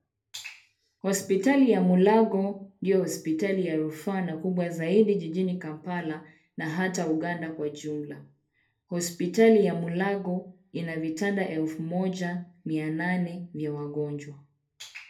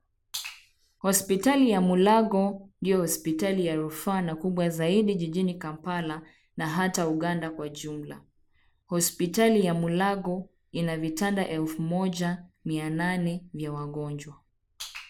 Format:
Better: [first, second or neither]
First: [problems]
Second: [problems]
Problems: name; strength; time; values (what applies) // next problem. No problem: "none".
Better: second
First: room echo; dies away in 0.3 s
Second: none